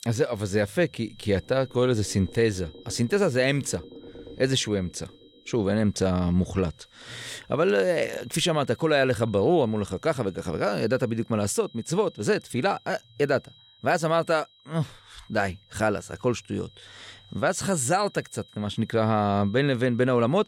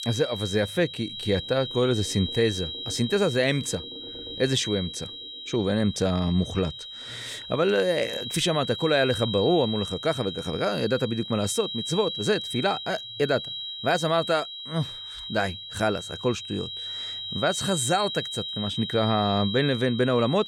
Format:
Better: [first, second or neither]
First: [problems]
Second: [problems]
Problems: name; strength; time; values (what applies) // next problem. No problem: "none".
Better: first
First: high-pitched whine; faint; throughout; 4 kHz, 30 dB below the speech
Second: high-pitched whine; loud; throughout; 4 kHz, 7 dB below the speech